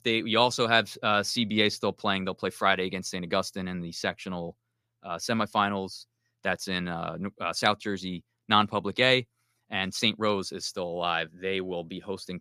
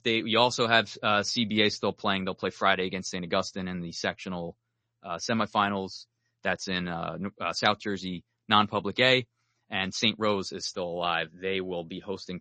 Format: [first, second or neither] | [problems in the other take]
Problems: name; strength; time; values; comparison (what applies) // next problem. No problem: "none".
first | garbled, watery; slightly; nothing above 7 kHz